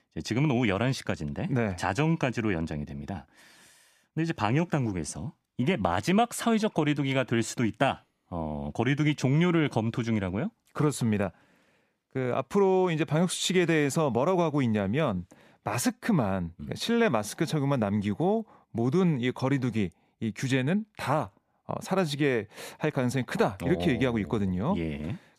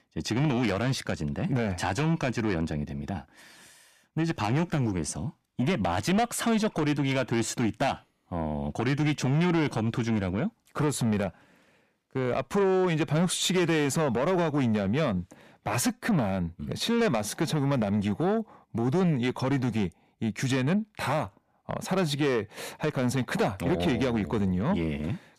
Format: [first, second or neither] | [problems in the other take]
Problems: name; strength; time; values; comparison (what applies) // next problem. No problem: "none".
first | distortion; slight; 10 dB below the speech